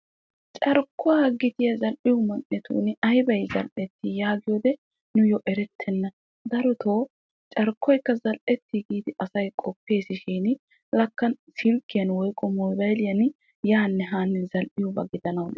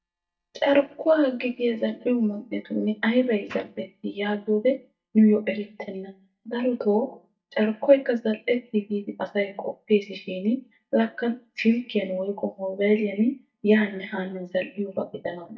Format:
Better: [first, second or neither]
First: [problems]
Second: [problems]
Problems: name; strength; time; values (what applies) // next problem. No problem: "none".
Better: first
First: none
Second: noise reduction (neural mask model DeepFilterNet 3)